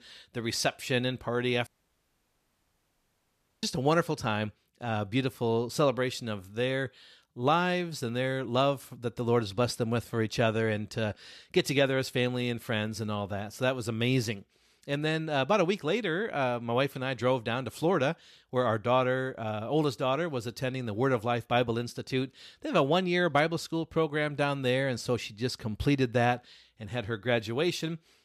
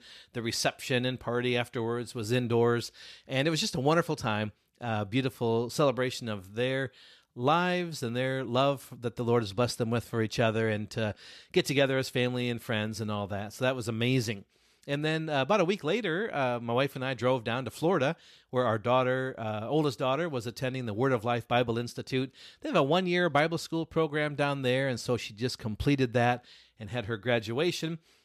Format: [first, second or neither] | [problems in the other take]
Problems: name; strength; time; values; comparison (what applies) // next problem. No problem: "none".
second | audio cutting out; at 1.5 s for 2 s